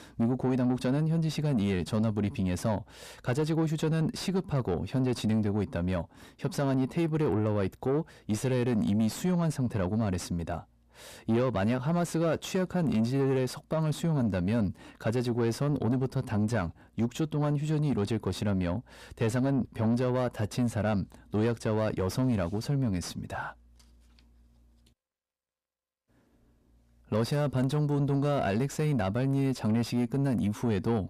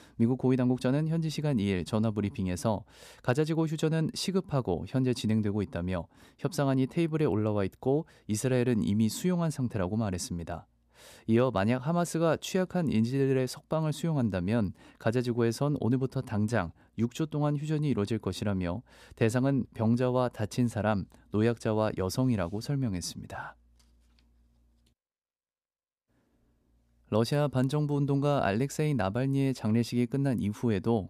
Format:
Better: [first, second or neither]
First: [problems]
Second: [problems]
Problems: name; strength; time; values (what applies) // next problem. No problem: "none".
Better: second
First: distortion; slight; 10 dB below the speech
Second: none